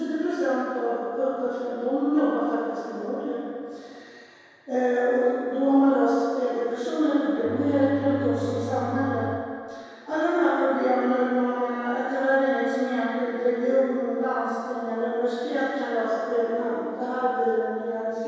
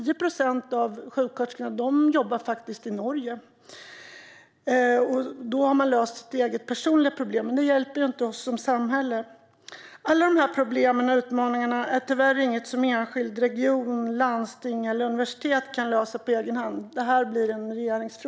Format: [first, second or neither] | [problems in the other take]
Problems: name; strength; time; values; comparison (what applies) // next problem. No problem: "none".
second | background sound (Bowed string instrument); 11 dB below the speech // room echo; dies away in 2.2 s